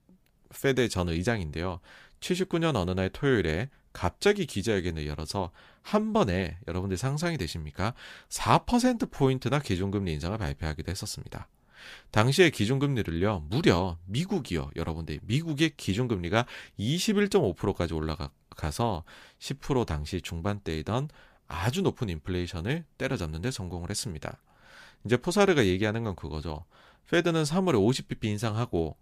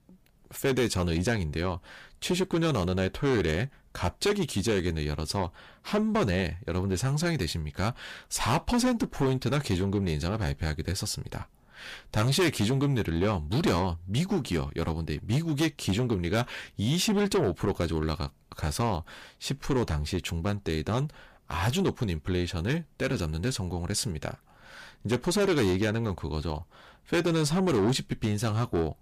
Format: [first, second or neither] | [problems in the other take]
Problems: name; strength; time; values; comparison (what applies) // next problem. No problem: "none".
first | distortion; heavy; 7 dB below the speech